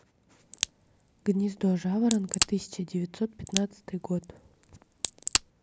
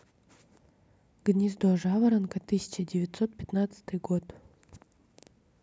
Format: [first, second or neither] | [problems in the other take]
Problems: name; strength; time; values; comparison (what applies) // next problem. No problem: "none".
second | background sound (Crack); 4 dB below the speech